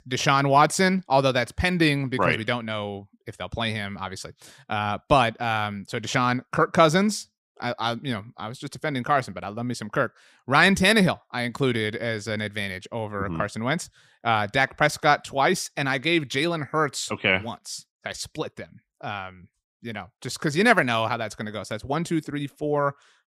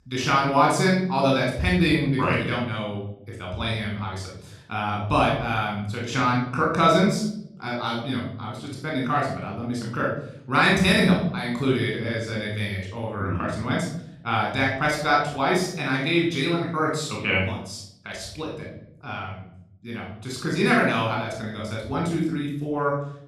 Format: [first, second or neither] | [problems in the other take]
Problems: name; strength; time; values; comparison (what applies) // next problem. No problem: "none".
first | room echo; noticeable; dies away in 0.8 s // off-mic speech; far